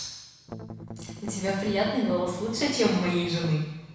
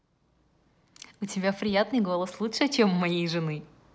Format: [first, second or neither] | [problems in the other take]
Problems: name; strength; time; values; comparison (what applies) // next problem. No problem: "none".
second | background sound (Strum); 11 dB below the speech // room echo; dies away in 1.1 s